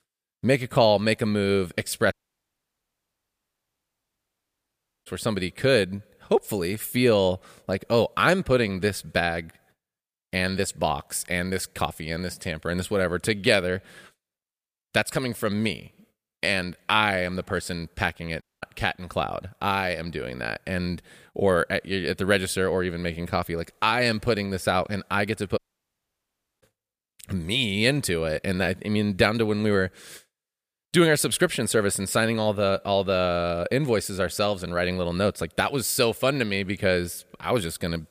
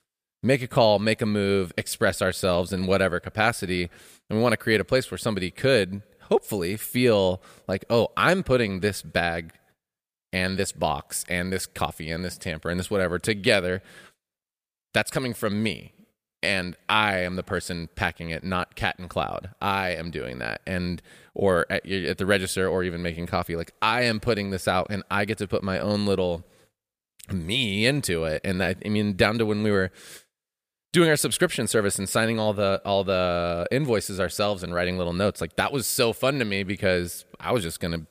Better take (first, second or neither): second